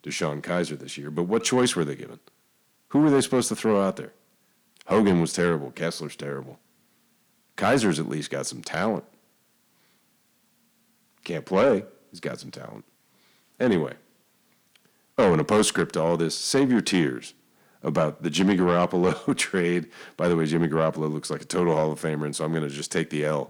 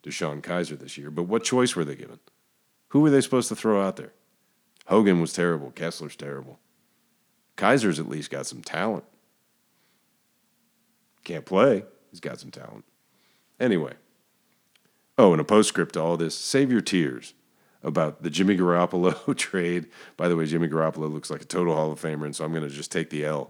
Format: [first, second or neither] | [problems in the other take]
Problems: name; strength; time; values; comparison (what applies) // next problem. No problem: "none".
second | distortion; slight; 10 dB below the speech